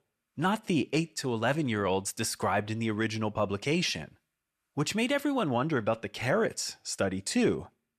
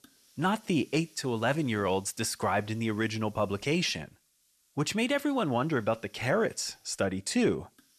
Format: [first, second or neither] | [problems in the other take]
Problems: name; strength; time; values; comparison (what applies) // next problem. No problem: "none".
first | hiss; faint; throughout; 30 dB below the speech